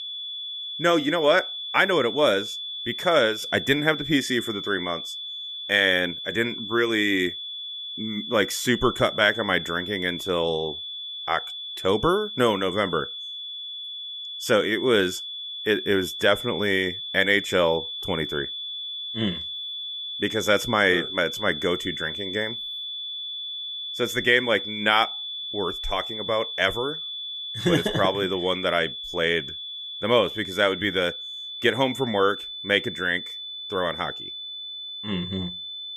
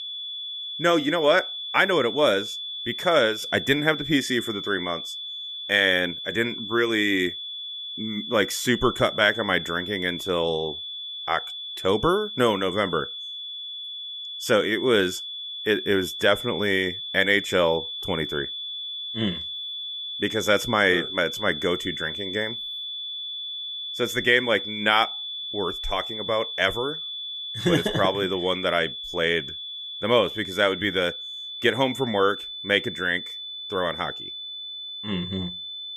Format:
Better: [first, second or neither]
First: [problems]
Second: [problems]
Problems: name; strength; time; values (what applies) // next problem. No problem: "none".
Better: neither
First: high-pitched whine; loud; throughout; 3.5 kHz, 7 dB below the speech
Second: high-pitched whine; loud; throughout; 3.5 kHz, 7 dB below the speech